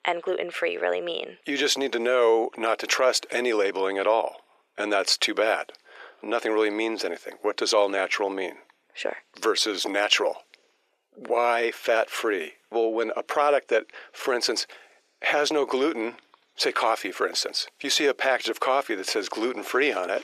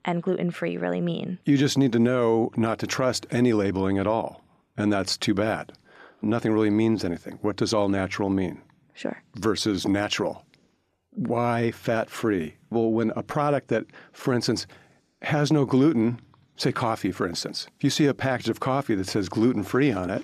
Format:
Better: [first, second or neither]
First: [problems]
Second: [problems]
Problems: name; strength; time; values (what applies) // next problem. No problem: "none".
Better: second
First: thin; very; fading below 450 Hz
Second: none